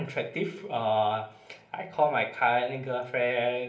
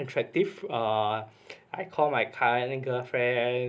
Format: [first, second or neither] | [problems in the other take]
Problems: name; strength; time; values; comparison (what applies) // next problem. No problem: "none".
second | room echo; dies away in 0.8 s